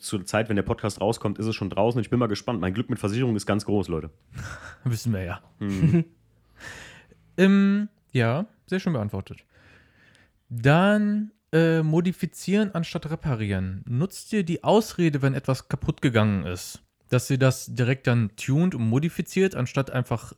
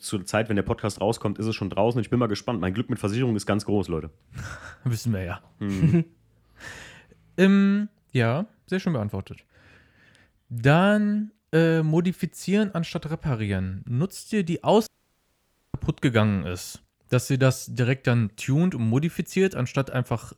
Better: first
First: none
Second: audio cutting out; at 15 s for 1 s

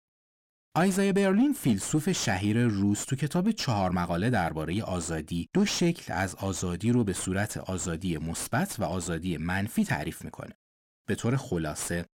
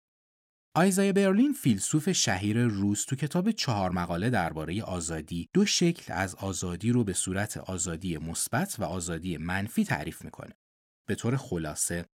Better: second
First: distortion; slight; 10 dB below the speech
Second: none

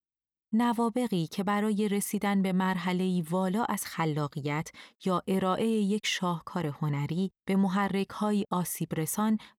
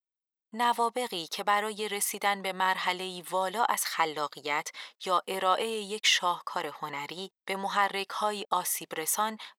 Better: first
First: none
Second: thin; very; fading below 700 Hz

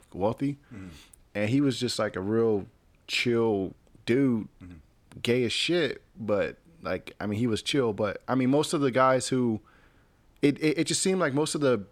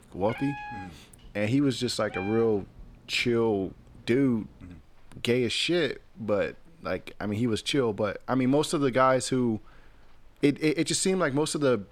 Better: first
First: none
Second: animal sounds; noticeable; throughout; 20 dB below the speech

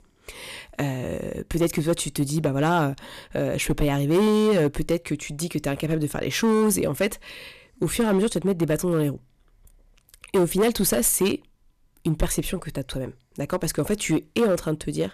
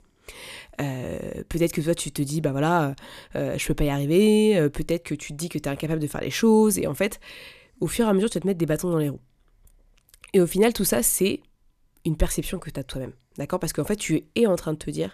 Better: second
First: distortion; slight; 6% of the sound clipped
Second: none

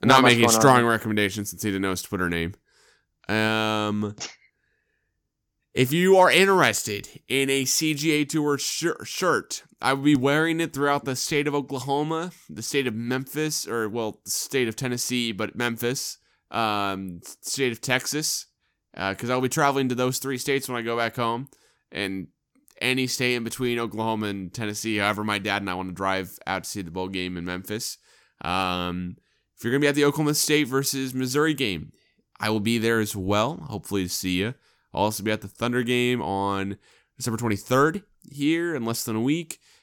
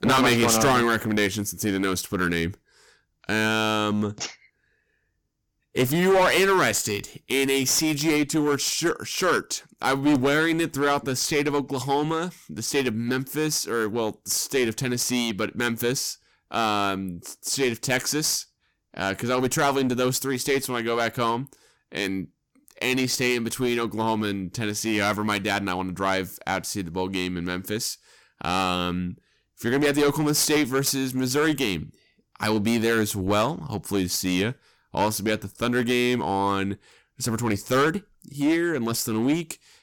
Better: first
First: none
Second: distortion; heavy; 8% of the sound clipped

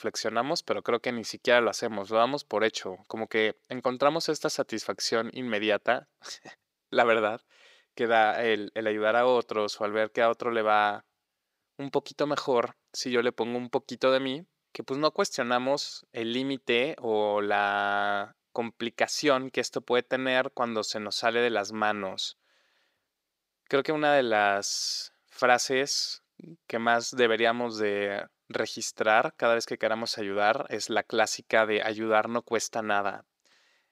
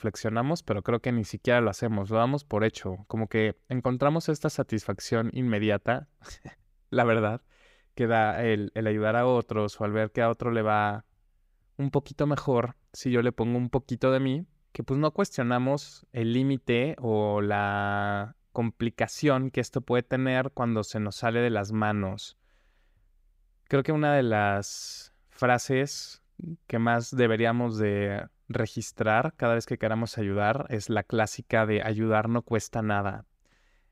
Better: second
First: thin; somewhat; fading below 350 Hz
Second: none

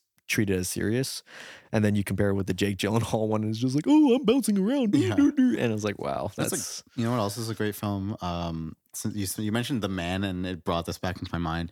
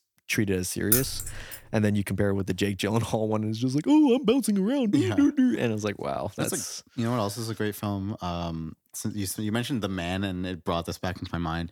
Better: first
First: none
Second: jangling keys; loud; at 1 s; peak 3 dB above the speech

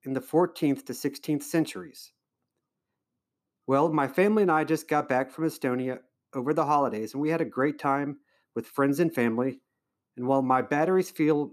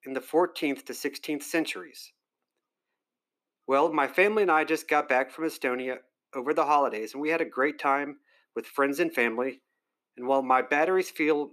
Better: first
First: none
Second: thin; somewhat; fading below 400 Hz

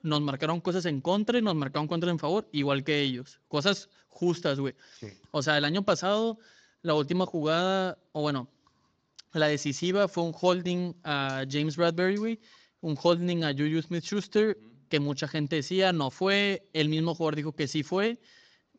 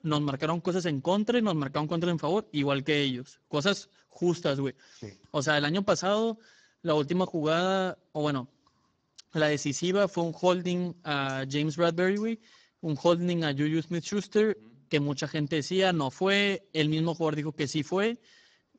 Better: first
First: garbled, watery; slightly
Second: garbled, watery; badly; nothing above 7.5 kHz

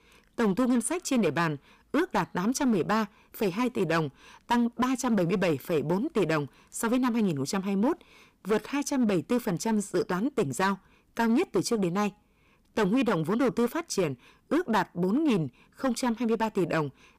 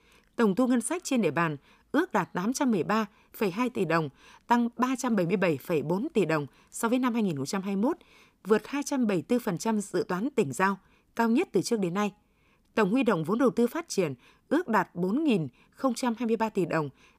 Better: second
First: distortion; slight; 8% of the sound clipped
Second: none

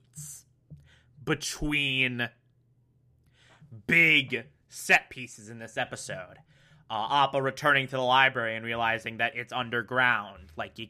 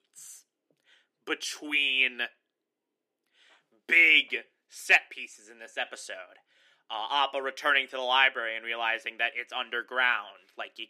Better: first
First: none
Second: thin; somewhat; fading below 300 Hz

